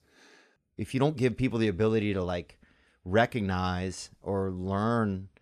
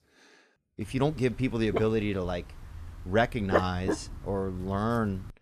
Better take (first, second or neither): first